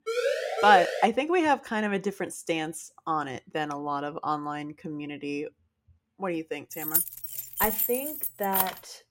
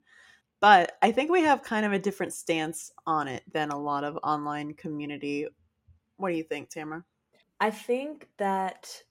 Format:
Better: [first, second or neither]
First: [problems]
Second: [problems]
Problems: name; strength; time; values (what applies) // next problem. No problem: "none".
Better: second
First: siren; loud; until 1 s; peak 1 dB above the speech // jangling keys; loud; from 7 s on; peak 3 dB above the speech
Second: none